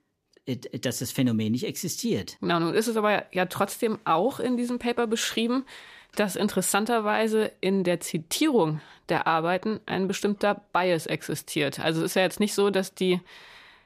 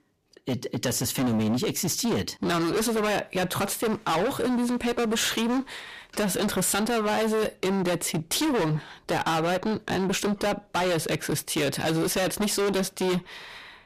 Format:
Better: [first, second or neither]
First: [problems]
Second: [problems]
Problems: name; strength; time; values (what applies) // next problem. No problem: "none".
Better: first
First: none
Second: distortion; heavy; 28% of the sound clipped